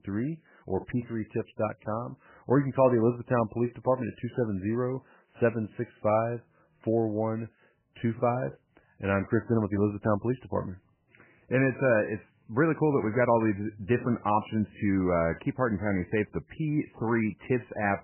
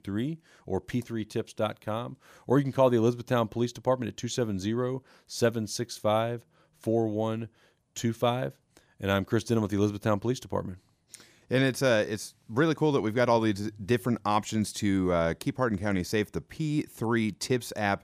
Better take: second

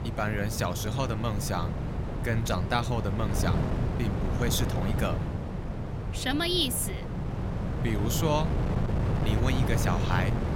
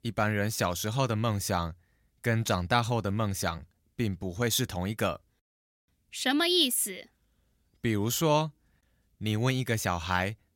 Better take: second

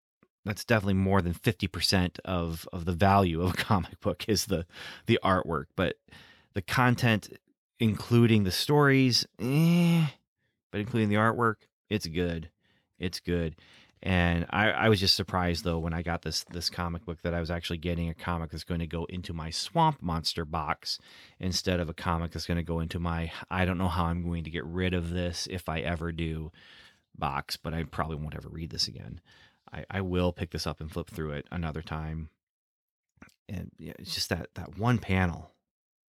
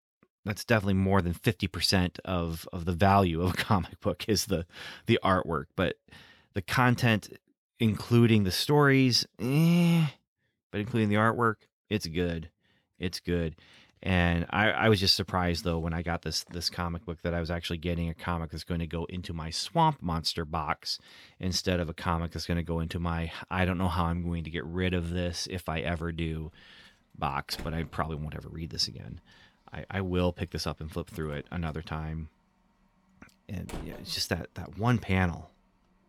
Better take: first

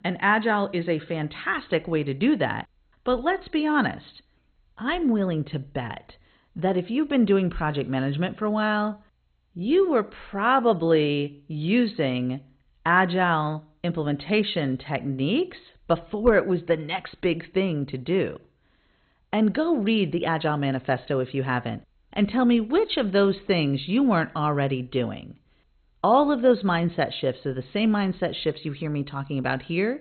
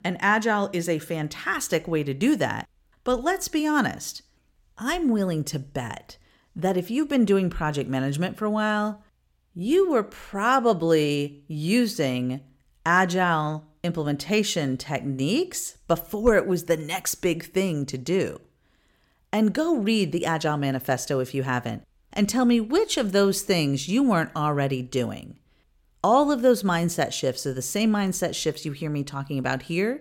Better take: second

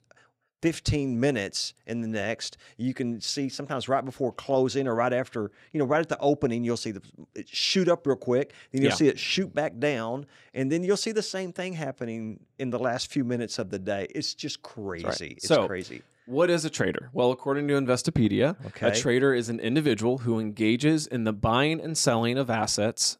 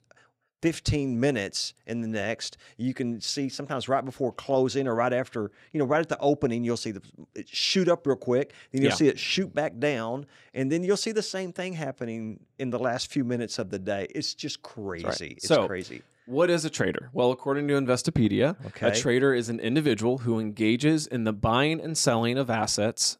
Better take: neither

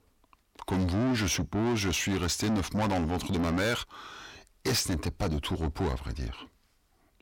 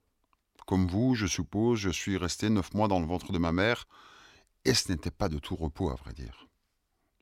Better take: second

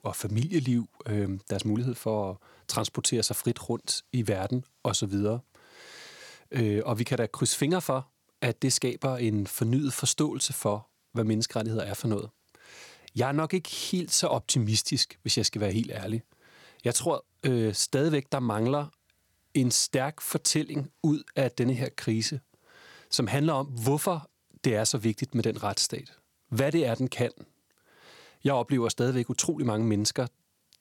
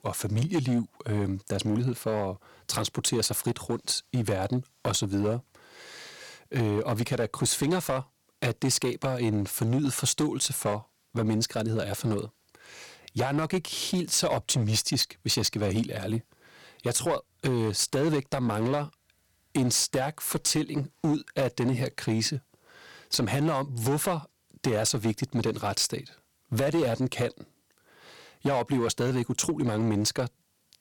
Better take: first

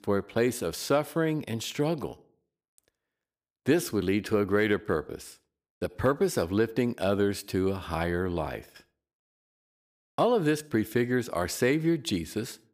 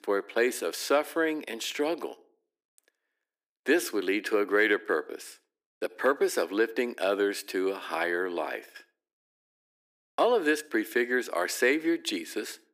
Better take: first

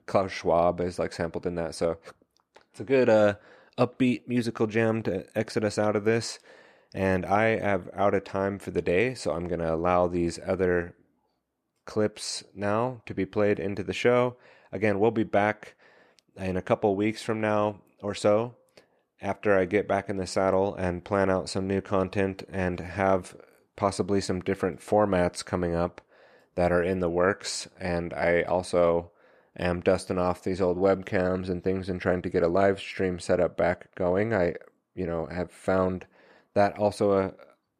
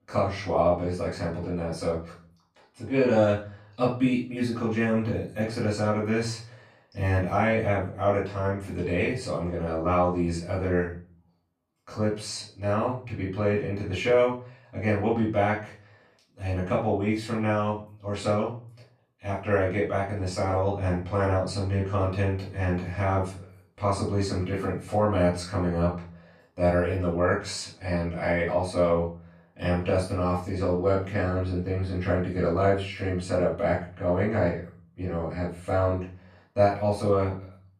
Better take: first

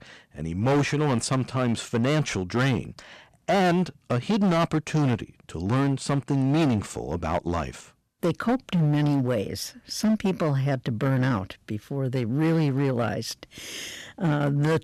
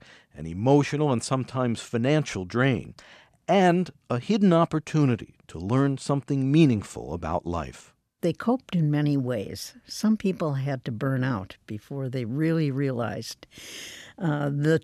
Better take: second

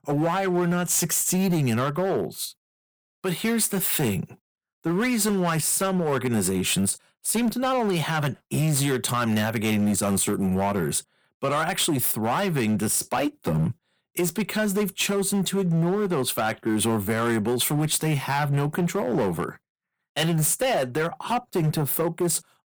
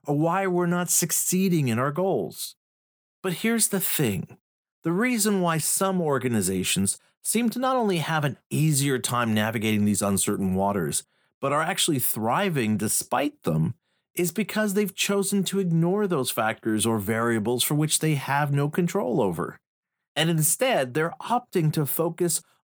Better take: second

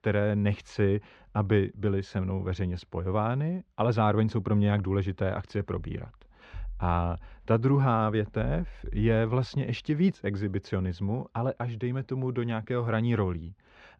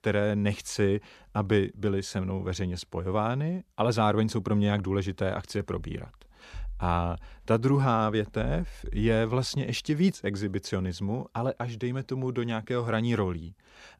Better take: second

